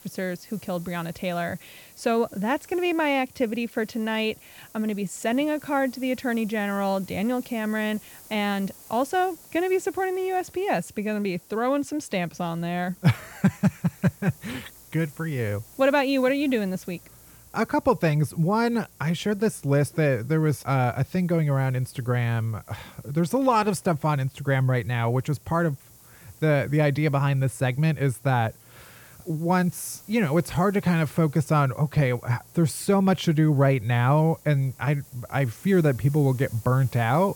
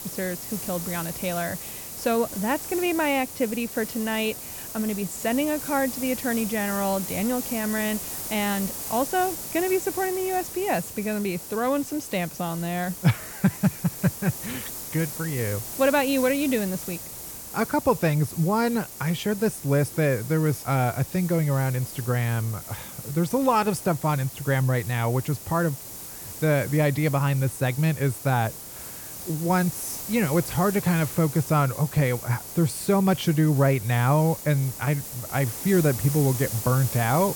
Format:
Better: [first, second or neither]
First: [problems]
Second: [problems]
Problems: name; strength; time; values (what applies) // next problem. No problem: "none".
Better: first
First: hiss; faint; throughout; 25 dB below the speech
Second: hiss; loud; throughout; 9 dB below the speech